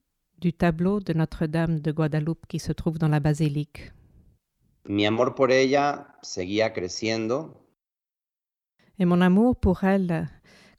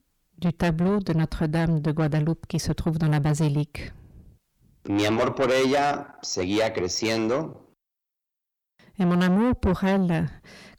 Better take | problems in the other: first | distortion; heavy; 7 dB below the speech

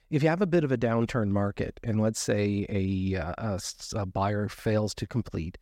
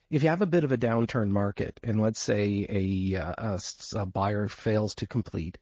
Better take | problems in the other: first | garbled, watery; slightly; nothing above 7 kHz

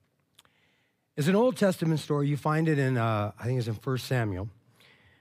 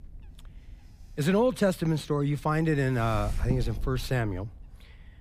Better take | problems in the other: first | wind noise on the microphone; occasional gusts; 15 dB below the speech

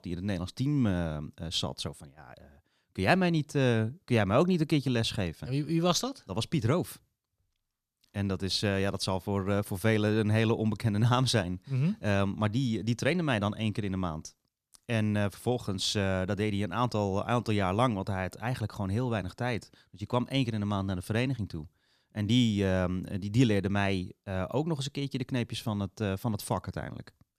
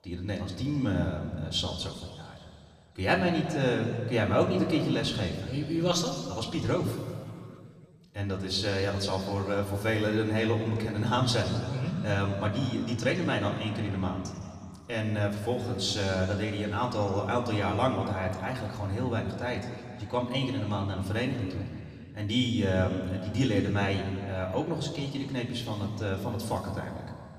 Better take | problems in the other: first | room echo; noticeable; dies away in 2.3 s // off-mic speech; somewhat distant

